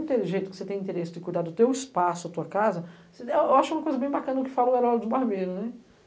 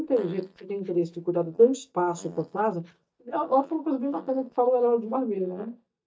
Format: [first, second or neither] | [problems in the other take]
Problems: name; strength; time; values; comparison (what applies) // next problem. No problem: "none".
first | noise reduction (neural mask model DeepFilterNet 3)